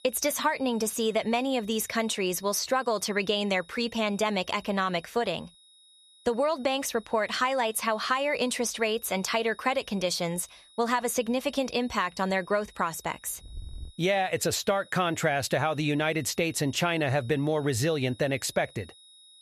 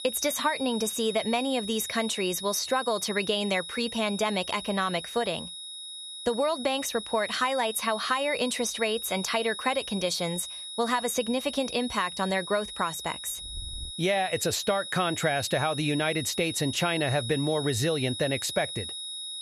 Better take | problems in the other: first | high-pitched whine; loud; throughout; 4 kHz, 8 dB below the speech; faint in the first

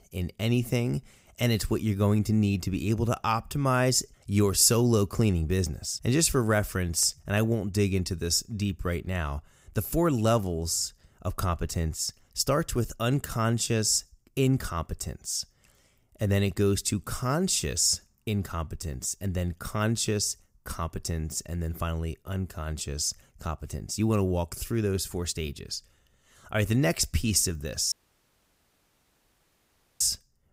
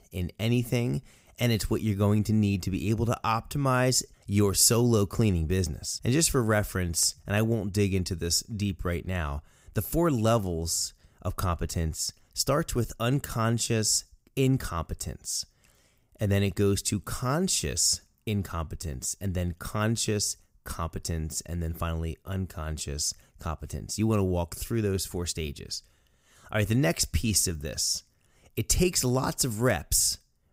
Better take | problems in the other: second | audio cutting out; at 28 s for 2 s

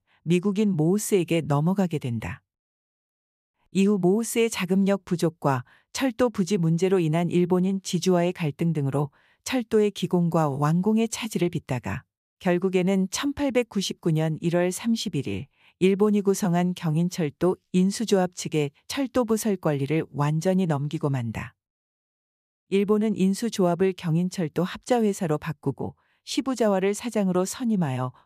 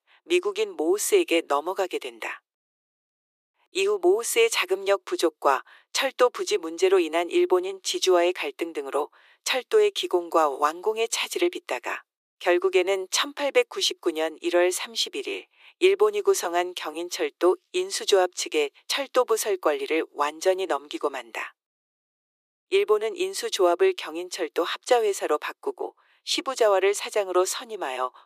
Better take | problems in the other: first | thin; very; fading below 350 Hz

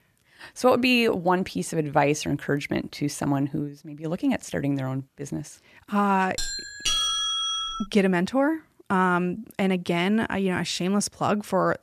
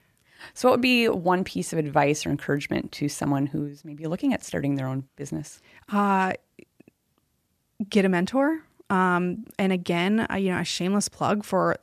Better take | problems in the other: second | doorbell; loud; from 6.5 to 8 s; peak 3 dB above the speech

